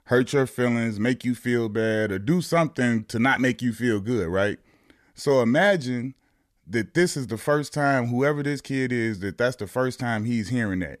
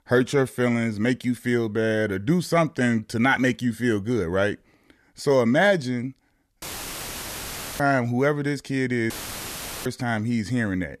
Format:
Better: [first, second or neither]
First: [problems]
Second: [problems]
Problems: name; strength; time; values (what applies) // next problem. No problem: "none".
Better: first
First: none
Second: audio cutting out; filled with static; at 6.5 s for 1 s and at 9 s for 1 s